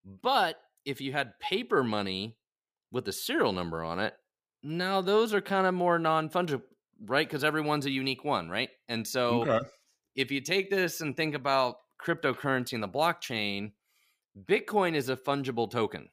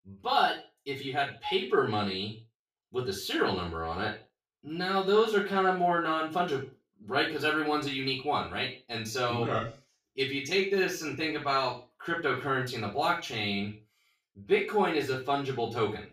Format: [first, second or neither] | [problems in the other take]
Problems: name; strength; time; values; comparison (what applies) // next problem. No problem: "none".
first | room echo; noticeable; dies away in 0.3 s // off-mic speech; far